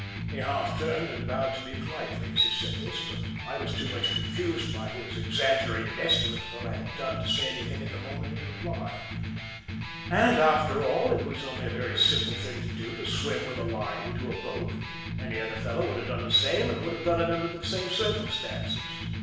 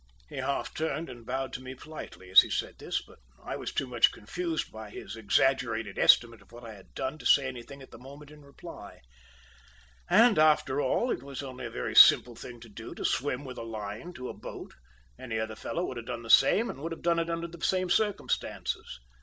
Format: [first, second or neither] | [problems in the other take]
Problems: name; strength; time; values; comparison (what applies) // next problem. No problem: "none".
second | background sound (Electric guitar); 4 dB below the speech // room echo; dies away in 0.9 s